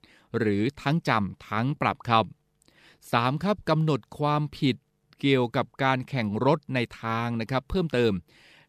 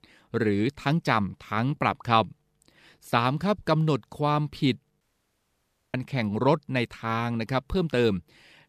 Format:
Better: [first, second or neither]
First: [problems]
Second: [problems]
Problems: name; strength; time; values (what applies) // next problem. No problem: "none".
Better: first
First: none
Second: audio cutting out; at 5 s for 1 s